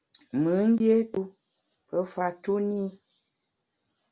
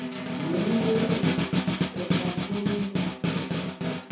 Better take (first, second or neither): first